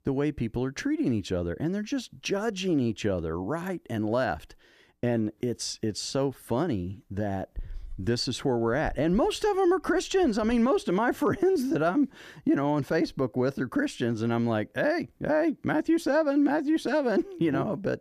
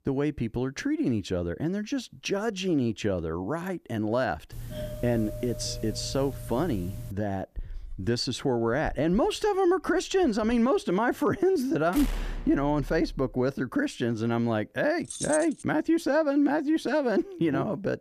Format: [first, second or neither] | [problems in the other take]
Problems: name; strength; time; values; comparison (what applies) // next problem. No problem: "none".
first | doorbell; noticeable; from 4.5 to 7 s; peak 9 dB below the speech // door banging; noticeable; from 12 to 13 s; peak 7 dB below the speech // jangling keys; noticeable; at 15 s; peak 6 dB below the speech